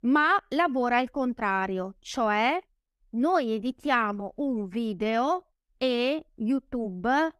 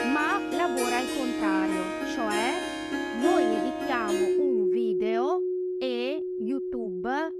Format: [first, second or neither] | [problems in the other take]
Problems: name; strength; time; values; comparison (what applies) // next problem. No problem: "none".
first | background music; very loud; throughout; 4 dB above the speech